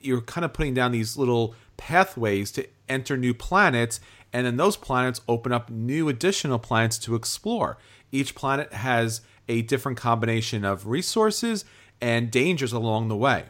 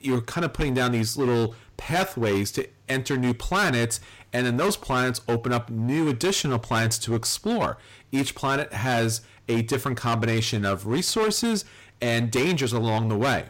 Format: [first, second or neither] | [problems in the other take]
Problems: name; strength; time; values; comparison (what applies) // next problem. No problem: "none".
first | distortion; heavy; 15% of the sound clipped